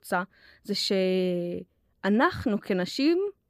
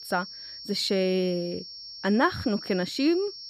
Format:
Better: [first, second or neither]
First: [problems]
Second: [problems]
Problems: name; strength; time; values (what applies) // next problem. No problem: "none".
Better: first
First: none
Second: high-pitched whine; noticeable; throughout; 5.5 kHz, 10 dB below the speech